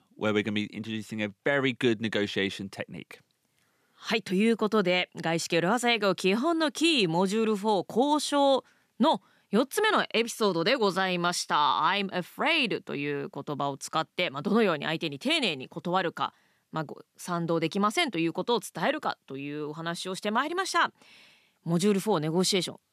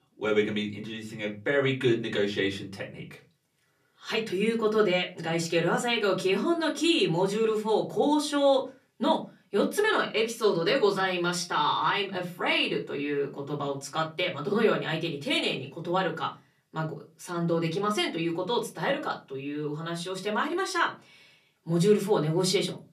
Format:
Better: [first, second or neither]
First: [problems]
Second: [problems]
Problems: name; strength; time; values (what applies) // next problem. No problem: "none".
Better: first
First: none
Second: off-mic speech; far // room echo; very slight; dies away in 0.3 s